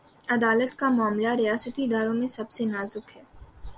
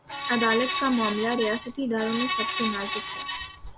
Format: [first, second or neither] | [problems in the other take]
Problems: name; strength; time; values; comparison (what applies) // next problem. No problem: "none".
first | background sound (Screech); 4 dB below the speech